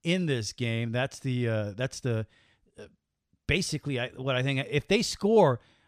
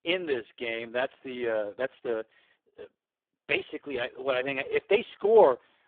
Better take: first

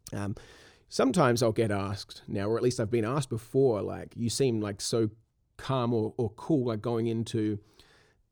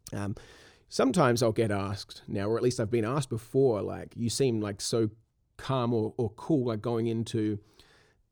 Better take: neither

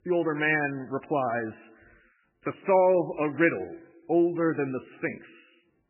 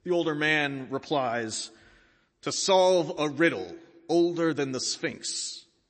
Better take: second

